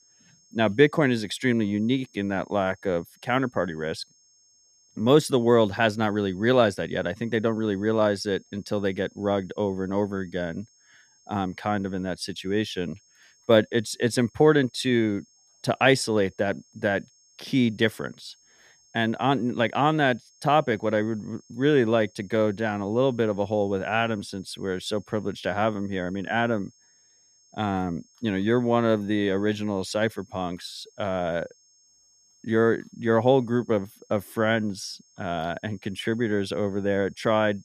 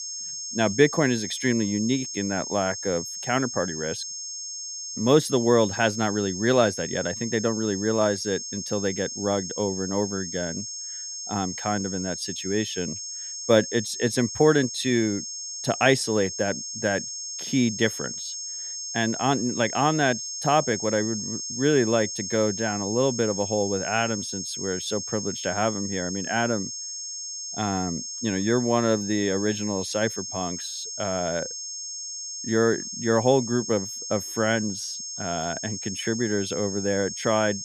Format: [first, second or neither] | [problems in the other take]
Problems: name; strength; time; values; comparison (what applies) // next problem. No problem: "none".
first | high-pitched whine; loud; throughout; 6.5 kHz, 6 dB below the speech; faint in the first